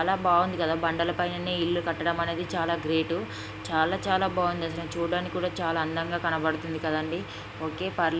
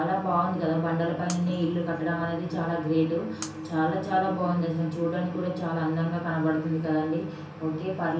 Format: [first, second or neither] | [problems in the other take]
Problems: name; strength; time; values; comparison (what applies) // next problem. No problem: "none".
first | background sound (Shatter); 20 dB below the speech // room echo; dies away in 0.6 s